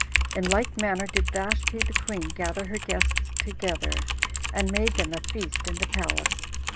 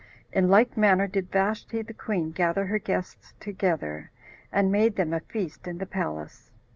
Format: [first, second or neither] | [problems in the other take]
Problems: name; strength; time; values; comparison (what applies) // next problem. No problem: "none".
second | background sound (Typing); 3 dB above the speech